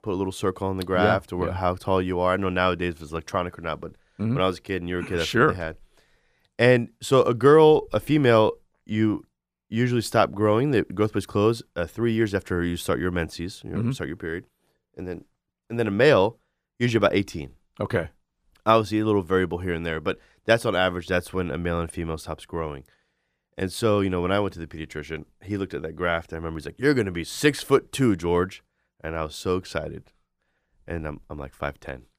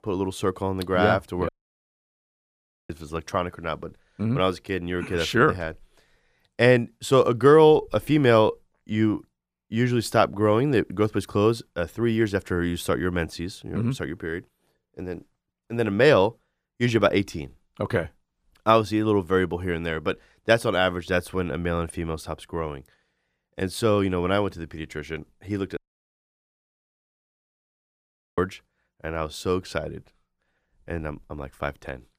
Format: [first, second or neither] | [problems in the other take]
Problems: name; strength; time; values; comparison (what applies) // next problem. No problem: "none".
first | audio cutting out; at 1.5 s for 1.5 s and at 26 s for 2.5 s